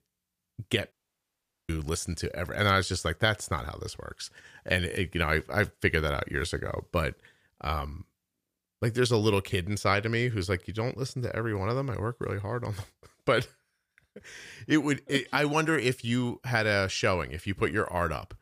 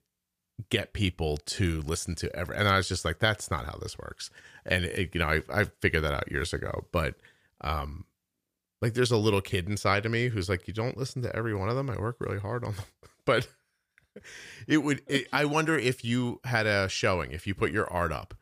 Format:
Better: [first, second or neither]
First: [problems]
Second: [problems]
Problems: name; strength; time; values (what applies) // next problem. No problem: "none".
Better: second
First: audio cutting out; at 1 s for 1 s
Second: none